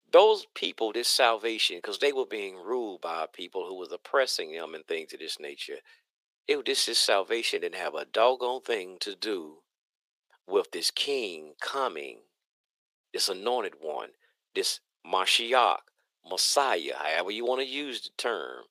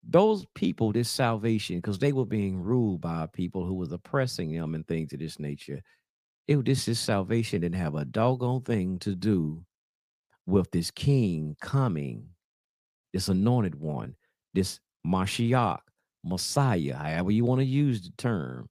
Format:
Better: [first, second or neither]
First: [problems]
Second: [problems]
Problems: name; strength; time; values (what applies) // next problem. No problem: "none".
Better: second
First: thin; very; fading below 400 Hz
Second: none